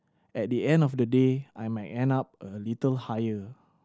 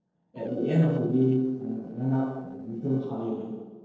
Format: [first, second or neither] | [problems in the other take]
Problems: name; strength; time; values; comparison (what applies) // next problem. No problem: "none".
first | noise reduction (neural separator model SepFormer DNS4)